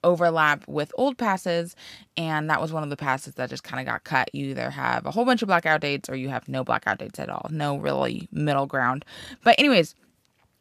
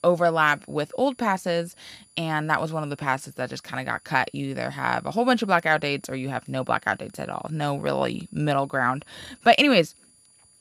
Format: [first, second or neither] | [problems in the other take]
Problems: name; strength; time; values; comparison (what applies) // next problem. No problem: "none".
first | high-pitched whine; faint; throughout; 10 kHz, 30 dB below the speech